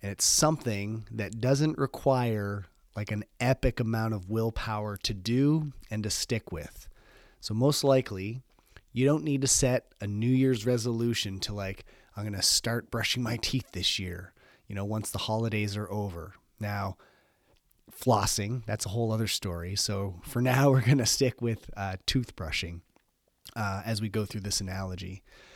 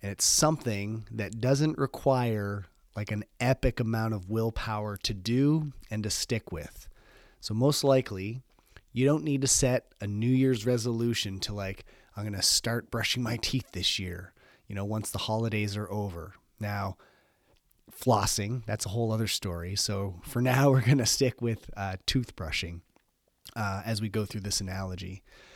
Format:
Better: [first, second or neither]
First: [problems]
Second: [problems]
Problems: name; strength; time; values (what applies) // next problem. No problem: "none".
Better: neither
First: none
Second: none